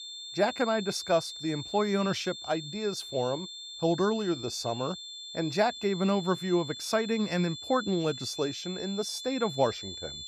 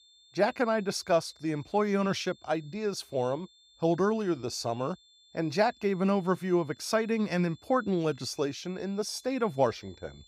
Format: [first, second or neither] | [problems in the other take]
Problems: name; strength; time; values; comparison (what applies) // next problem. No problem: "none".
second | high-pitched whine; loud; throughout; 3.5 kHz, 9 dB below the speech; faint in the second